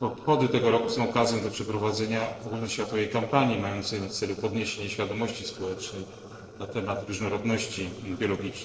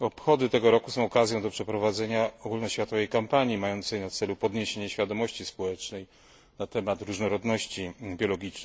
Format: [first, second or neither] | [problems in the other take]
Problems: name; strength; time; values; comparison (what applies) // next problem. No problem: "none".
second | noise reduction (neural separator model SepFormer DNS4)